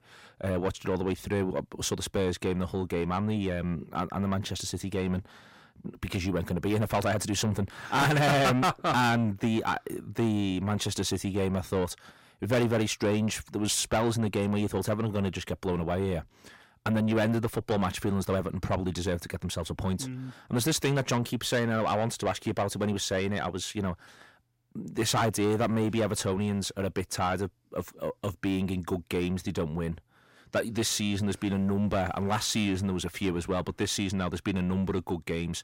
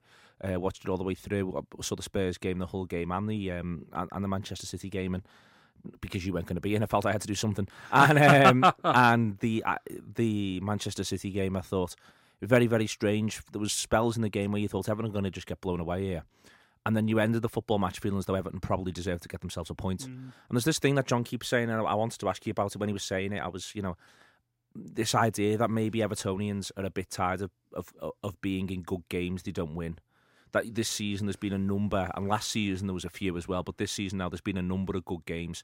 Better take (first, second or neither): second